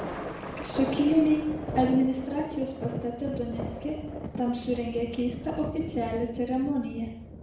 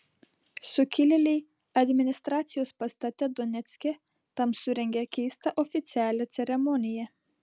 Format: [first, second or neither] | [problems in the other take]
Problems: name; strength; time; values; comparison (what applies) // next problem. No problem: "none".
second | background sound (Thunder); 8 dB below the speech // room echo; dies away in 0.6 s